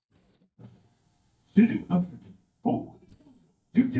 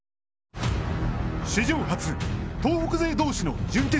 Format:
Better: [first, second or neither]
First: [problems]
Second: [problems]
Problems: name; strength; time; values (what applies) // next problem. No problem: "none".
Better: second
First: noise reduction (neural mask model DeepFilterNet 3)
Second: none